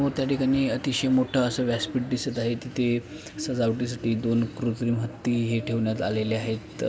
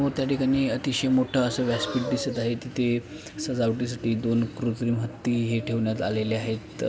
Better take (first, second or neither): first